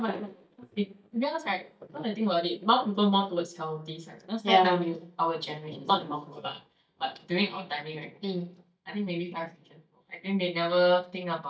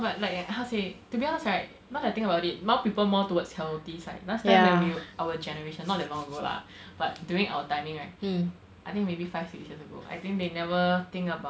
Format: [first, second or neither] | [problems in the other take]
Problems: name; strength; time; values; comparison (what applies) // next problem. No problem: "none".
second | noise reduction (neural mask model DeepFilterNet 3)